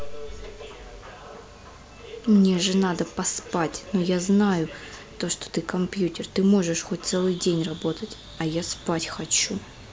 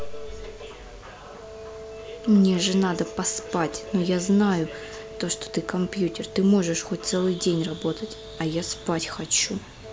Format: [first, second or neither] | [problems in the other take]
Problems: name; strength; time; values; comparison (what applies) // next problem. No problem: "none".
first | background sound (Wind instrument, woodwind instrument); 16 dB below the speech